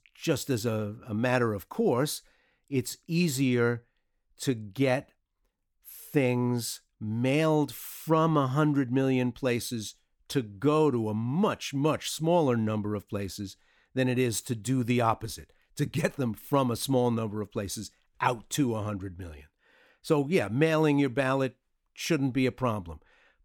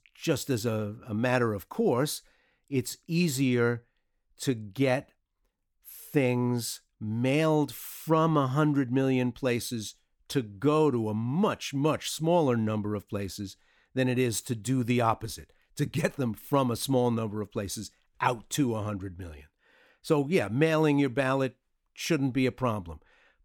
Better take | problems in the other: neither | none

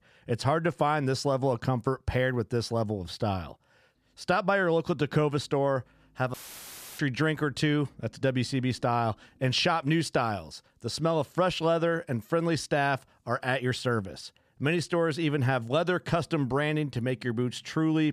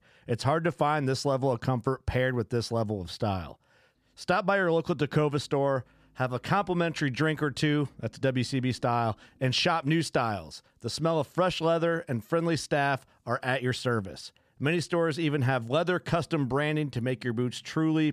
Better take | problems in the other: second | audio cutting out; filled with static; at 6.5 s for 0.5 s

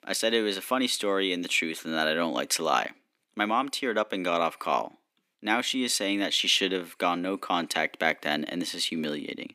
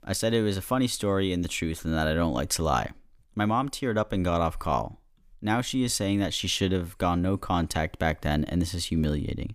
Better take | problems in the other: second | thin; very slightly; fading below 250 Hz

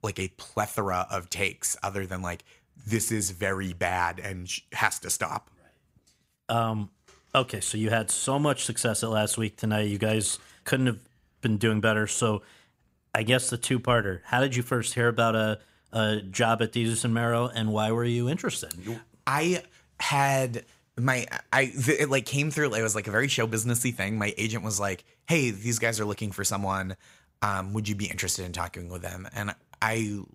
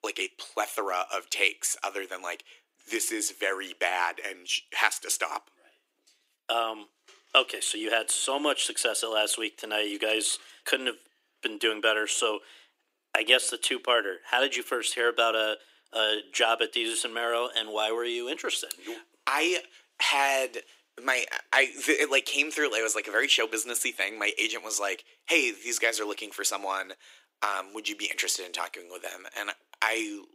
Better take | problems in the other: first | thin; very; fading below 300 Hz

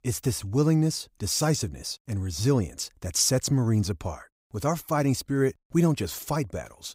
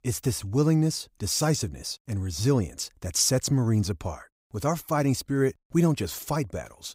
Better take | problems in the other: neither | none

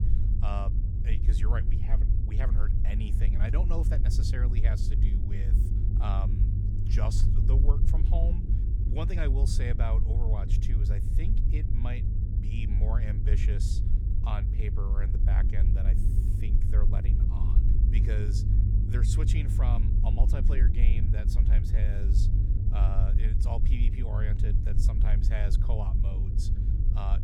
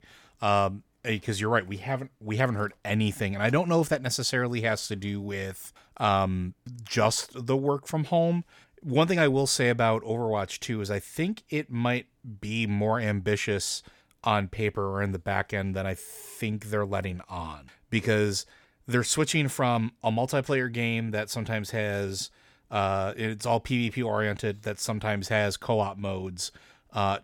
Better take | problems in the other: second | low rumble; loud; throughout; 2 dB below the speech

